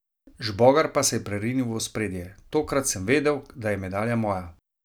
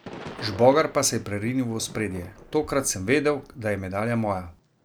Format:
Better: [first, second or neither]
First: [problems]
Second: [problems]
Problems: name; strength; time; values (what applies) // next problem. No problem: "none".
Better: first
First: none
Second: background sound (Thunder / Rain); 18 dB below the speech